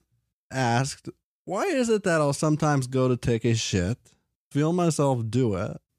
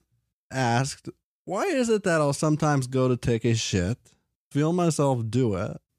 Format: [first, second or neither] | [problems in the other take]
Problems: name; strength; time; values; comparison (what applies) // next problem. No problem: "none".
neither | none